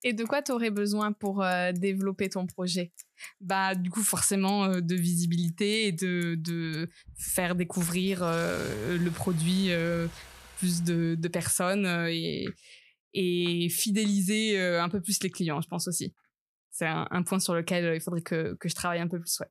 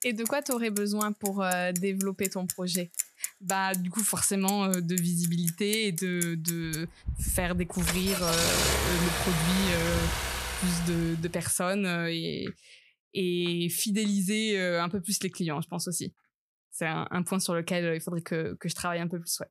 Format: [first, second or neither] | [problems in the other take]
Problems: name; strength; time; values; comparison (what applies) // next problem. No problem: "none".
first | traffic noise; loud; until 11 s; 3 dB below the speech; faint in the first